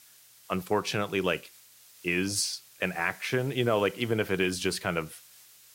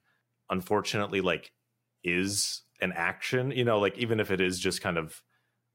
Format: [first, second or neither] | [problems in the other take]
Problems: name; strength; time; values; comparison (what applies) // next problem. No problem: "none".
second | hiss; faint; throughout; 20 dB below the speech